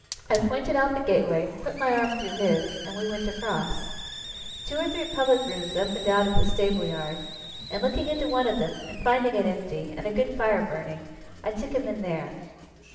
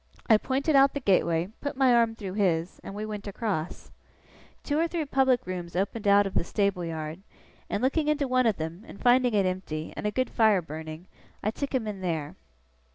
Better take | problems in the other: second | background sound (Hiss); 13 dB below the speech // room echo; dies away in 1.2 s

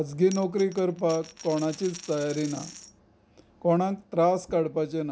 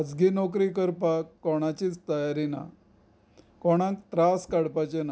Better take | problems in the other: second | background sound (Coin (dropping)); 18 dB below the speech

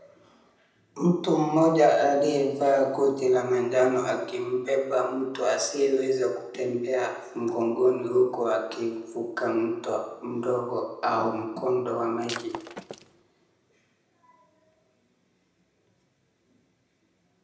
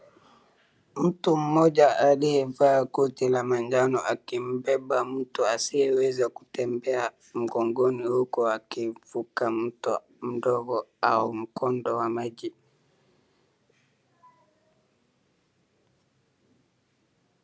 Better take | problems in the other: second | background sound (Shatter); 13 dB below the speech // room echo; dies away in 0.8 s

